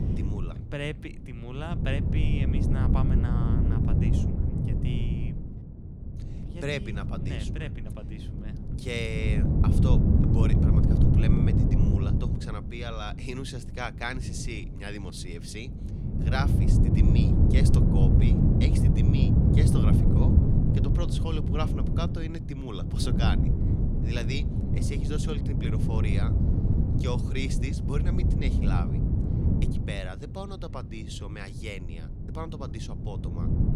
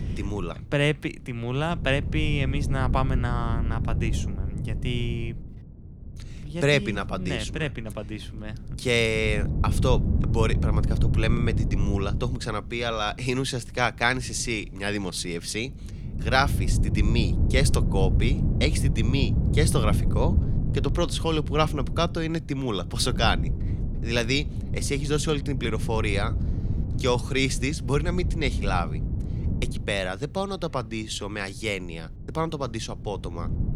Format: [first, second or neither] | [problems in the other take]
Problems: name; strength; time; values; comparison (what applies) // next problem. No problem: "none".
second | wind noise on the microphone; heavy; 2 dB above the speech; occasional gusts in the second